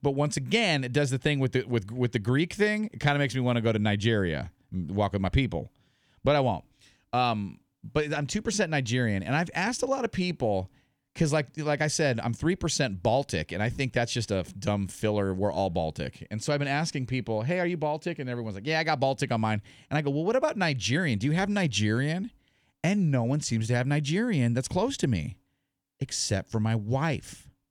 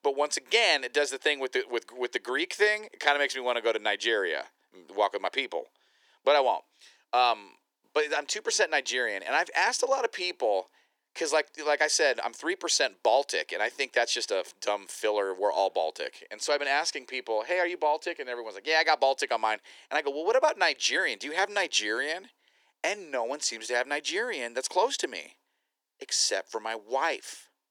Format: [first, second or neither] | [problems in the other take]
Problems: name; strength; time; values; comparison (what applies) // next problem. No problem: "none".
first | thin; very; fading below 350 Hz